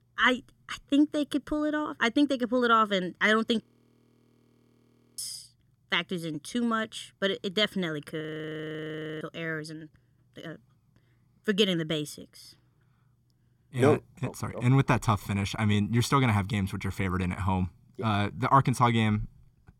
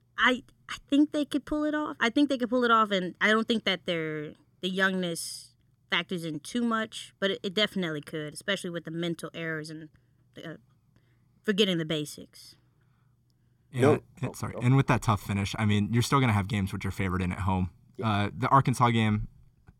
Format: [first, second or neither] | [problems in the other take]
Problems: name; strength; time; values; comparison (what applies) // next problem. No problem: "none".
second | audio freezing; at 3.5 s for 1.5 s and at 8 s for 1 s